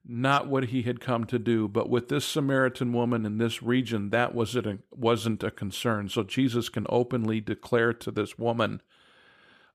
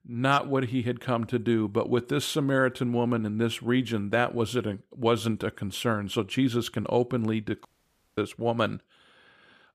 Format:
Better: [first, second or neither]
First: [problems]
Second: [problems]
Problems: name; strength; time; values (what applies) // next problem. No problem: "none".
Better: first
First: none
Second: audio cutting out; at 7.5 s for 0.5 s